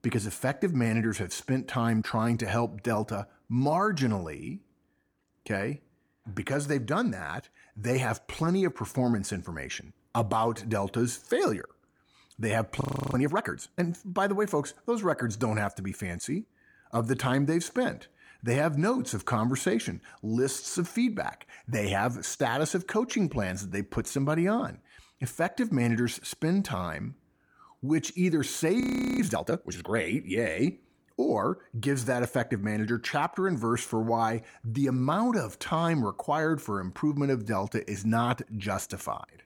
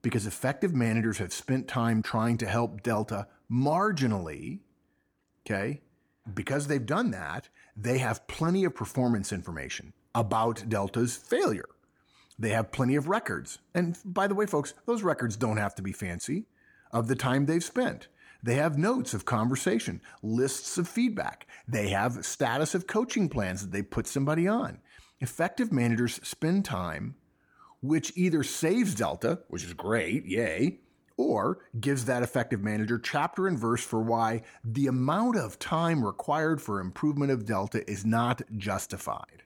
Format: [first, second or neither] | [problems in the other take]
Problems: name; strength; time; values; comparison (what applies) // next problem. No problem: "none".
second | audio freezing; at 13 s and at 29 s